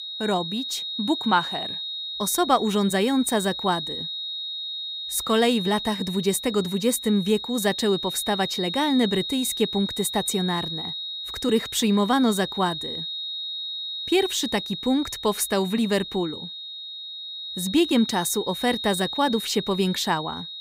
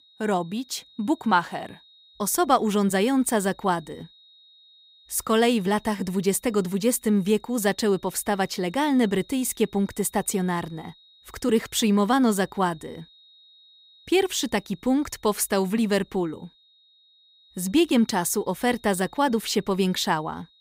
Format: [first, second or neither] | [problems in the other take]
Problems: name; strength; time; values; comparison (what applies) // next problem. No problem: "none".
second | high-pitched whine; loud; throughout; 4 kHz, 6 dB below the speech; faint in the second